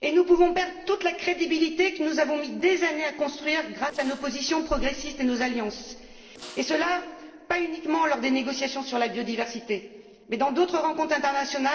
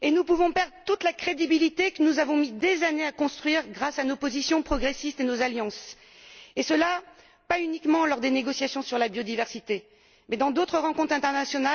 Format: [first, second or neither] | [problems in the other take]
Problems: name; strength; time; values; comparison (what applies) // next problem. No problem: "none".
second | noise reduction (neural separator model SepFormer DNS4)